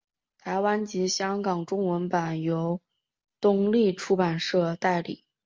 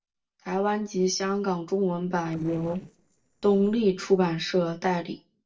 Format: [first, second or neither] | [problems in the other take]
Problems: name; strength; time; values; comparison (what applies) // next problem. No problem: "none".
first | noise reduction (neural separator model SepFormer DNS4)